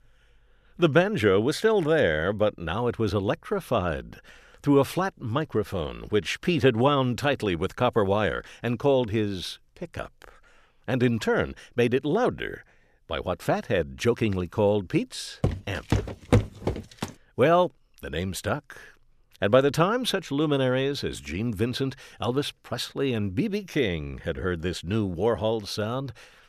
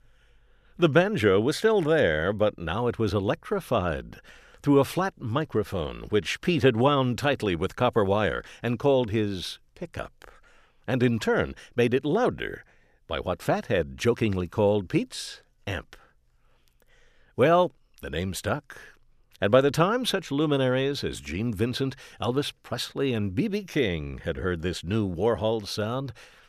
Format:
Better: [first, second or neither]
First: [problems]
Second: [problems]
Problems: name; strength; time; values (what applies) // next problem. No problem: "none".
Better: second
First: footsteps; loud; from 15 to 17 s; peak 1 dB above the speech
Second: none